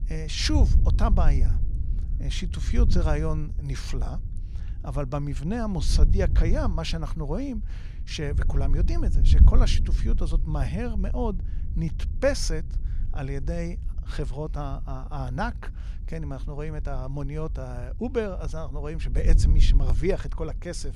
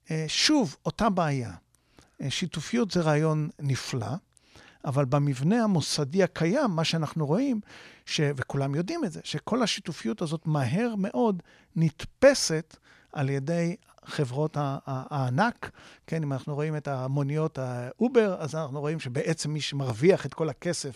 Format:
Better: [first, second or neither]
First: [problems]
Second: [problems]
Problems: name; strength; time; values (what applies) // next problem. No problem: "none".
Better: second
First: wind noise on the microphone; occasional gusts; 15 dB below the speech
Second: none